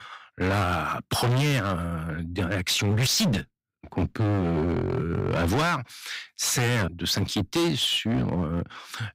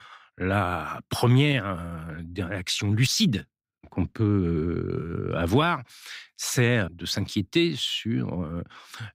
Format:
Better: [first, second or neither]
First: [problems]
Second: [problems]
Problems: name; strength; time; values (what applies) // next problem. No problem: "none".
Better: second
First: distortion; heavy; 17% of the sound clipped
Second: none